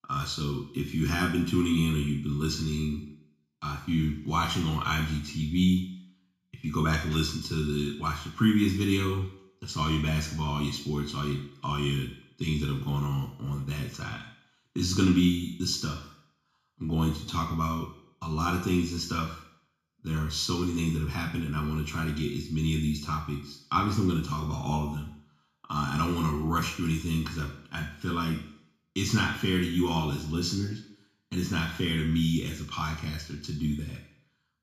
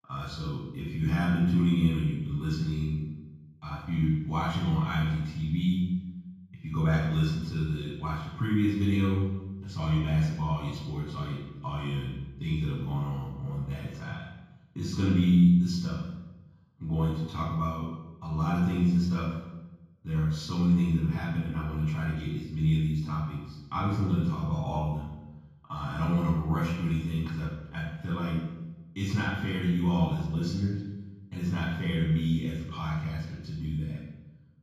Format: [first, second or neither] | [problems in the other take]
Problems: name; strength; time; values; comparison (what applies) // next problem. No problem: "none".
first | room echo; strong; dies away in 1.3 s; slight in the first // off-mic speech; far; somewhat distant in the first